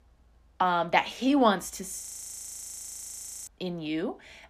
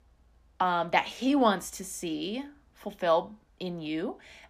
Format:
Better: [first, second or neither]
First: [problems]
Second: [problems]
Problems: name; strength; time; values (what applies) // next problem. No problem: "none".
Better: second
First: audio freezing; at 2 s for 1.5 s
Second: none